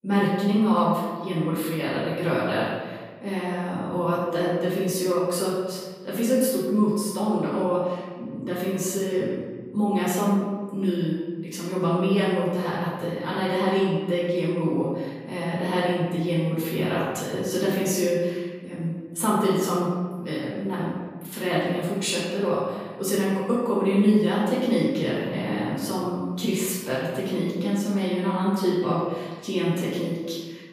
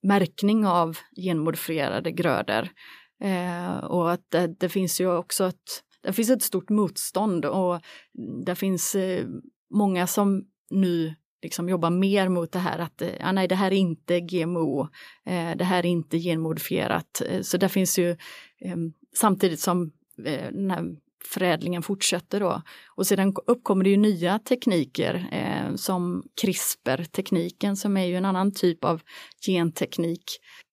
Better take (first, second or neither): second